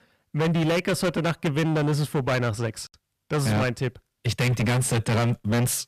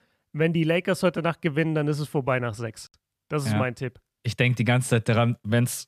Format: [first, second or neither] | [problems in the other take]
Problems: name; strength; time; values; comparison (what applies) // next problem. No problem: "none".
second | distortion; heavy; 22% of the sound clipped